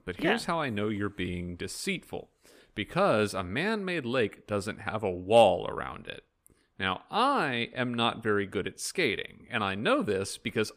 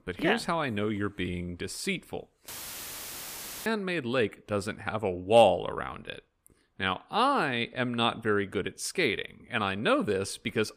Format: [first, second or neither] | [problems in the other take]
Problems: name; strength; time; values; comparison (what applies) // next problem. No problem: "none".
first | audio cutting out; filled with static; at 2.5 s for 1 s